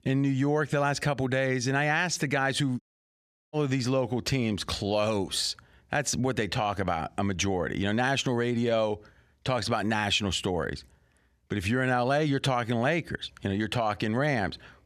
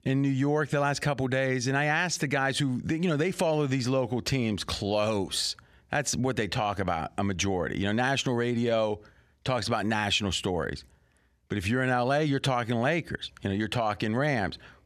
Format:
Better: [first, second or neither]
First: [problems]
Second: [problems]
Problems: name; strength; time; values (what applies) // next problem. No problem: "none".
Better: second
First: audio cutting out; at 3 s for 0.5 s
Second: none